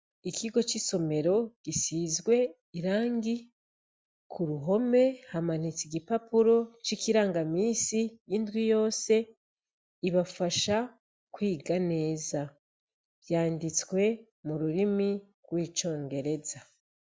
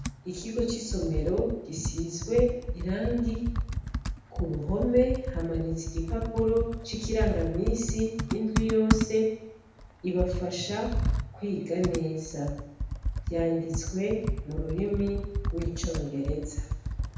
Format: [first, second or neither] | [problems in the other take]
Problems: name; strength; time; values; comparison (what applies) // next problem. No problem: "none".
first | background sound (Computer keyboard); 2 dB below the speech // room echo; dies away in 0.8 s